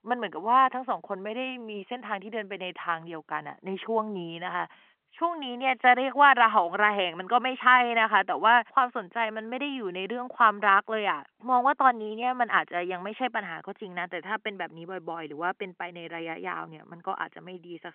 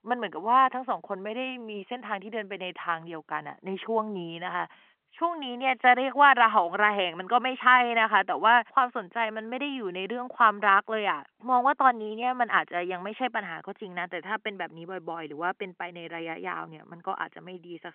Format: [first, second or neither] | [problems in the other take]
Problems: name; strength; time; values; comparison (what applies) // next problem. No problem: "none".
neither | phone-call audio; nothing above 3 kHz; the same in both